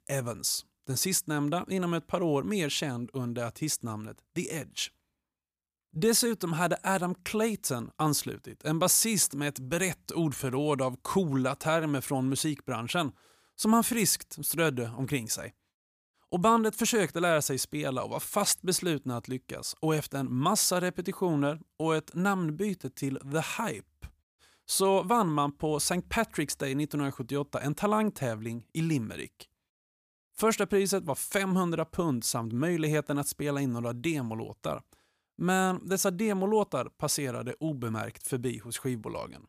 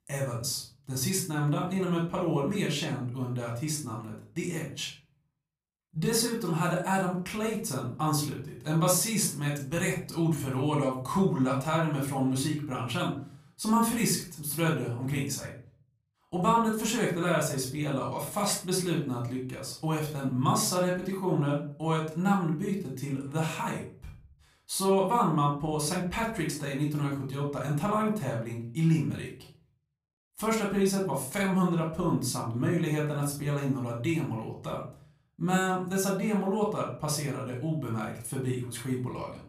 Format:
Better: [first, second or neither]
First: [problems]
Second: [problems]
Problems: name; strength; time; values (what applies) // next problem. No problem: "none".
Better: first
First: none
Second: room echo; slight; dies away in 0.4 s // off-mic speech; somewhat distant